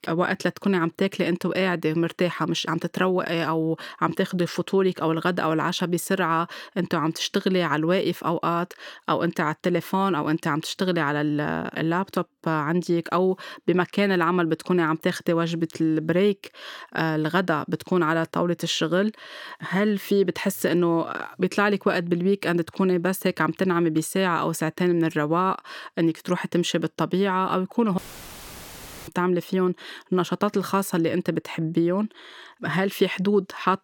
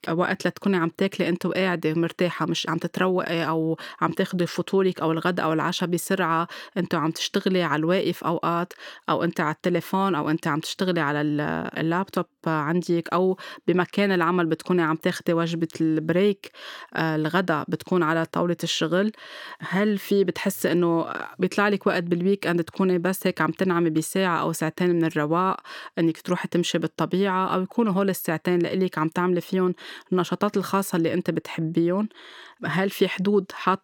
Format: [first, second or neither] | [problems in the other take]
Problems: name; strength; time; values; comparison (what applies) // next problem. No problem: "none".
second | audio cutting out; filled with static; at 28 s for 1 s